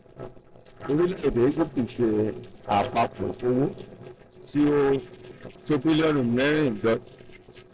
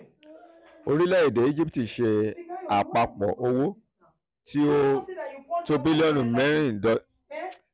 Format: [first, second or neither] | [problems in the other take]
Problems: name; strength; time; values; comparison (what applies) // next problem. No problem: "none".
second | noise reduction (neural separator model SepFormer DNS4)